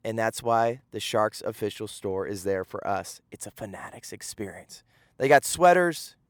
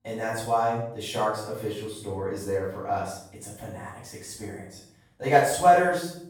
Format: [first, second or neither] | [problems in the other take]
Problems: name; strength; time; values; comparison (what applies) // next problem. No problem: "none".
first | off-mic speech; far // room echo; noticeable; dies away in 0.6 s